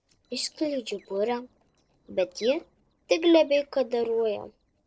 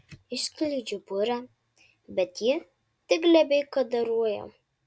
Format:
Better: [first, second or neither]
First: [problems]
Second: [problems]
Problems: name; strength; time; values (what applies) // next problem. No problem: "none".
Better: second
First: noise reduction (neural separator model SepFormer DNS4)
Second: none